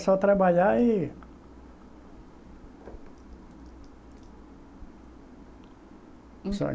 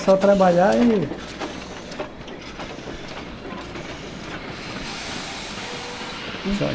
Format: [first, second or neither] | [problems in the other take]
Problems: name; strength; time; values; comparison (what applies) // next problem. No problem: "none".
first | background sound (Hiss); 9 dB below the speech // room echo; dies away in 1.9 s